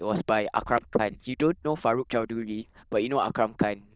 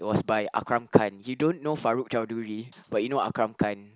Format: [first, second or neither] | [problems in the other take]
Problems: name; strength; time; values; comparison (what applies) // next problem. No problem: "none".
second | noise reduction (neural diffusion model UNIVERSE++)